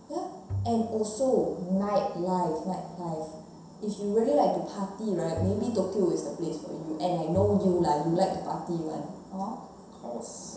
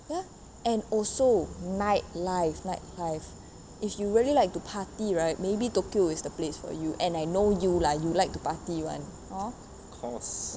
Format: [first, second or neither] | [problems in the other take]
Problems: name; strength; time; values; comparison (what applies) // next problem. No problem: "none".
second | background sound (Bowed string instrument); 9 dB below the speech // room echo; dies away in 0.7 s